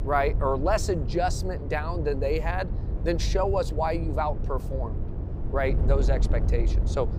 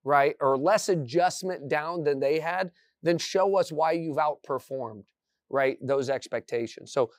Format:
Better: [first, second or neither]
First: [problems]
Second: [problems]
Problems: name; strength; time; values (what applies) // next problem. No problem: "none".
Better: second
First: wind noise on the microphone; occasional gusts; 15 dB below the speech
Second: none